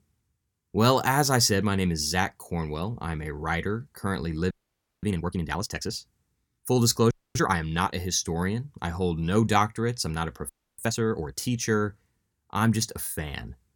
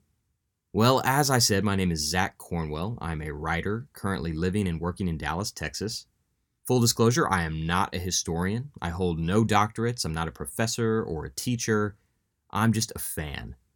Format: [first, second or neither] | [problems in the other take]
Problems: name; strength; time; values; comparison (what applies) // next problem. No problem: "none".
second | audio freezing; at 4.5 s for 0.5 s, at 7 s and at 10 s